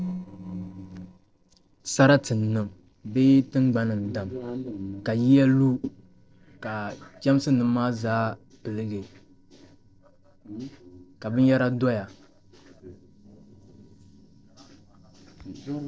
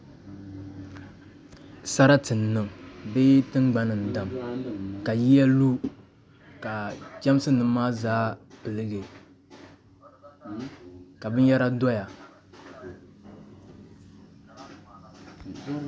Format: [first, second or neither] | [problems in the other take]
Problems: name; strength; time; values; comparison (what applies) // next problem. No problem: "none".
second | noise reduction (neural separator model SepFormer DNS4)